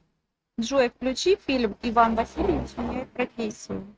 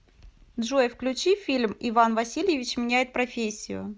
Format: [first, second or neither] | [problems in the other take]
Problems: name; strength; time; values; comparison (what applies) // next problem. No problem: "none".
second | noise reduction (neural mask model RNNoise)